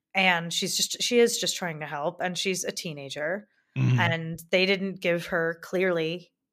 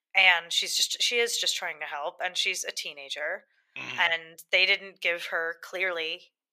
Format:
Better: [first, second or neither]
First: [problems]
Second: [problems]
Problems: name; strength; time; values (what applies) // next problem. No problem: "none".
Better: first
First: none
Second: thin; very; fading below 750 Hz